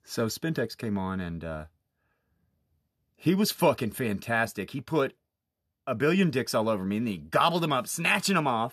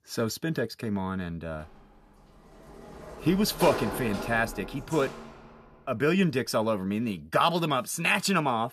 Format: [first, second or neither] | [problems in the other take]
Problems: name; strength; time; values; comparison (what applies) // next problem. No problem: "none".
first | door banging; noticeable; from 2.5 to 5.5 s; peak 3 dB below the speech